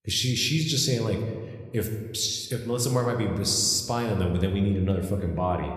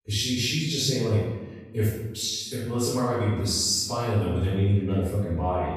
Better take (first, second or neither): first